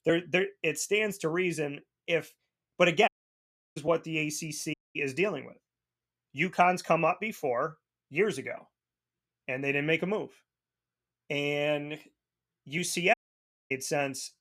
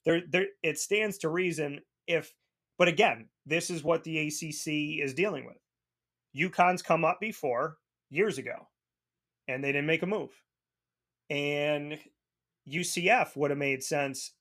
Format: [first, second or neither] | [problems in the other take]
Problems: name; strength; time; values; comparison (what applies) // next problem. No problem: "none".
second | audio cutting out; at 3 s for 0.5 s, at 4.5 s and at 13 s for 0.5 s